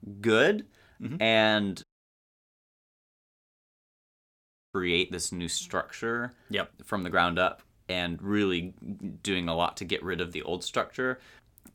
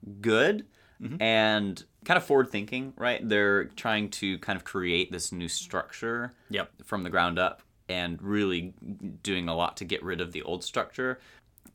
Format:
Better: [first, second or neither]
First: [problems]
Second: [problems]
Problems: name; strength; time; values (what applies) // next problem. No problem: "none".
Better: second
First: audio cutting out; at 2 s for 3 s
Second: none